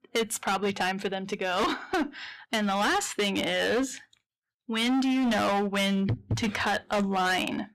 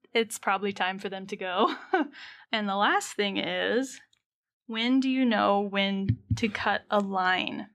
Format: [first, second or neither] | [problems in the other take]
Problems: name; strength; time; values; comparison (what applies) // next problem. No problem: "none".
second | distortion; heavy; 19% of the sound clipped